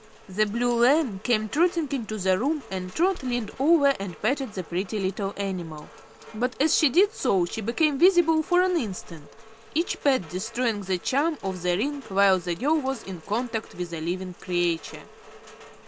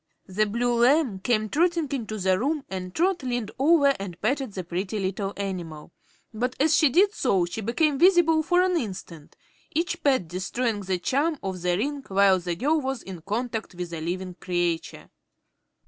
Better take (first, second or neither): second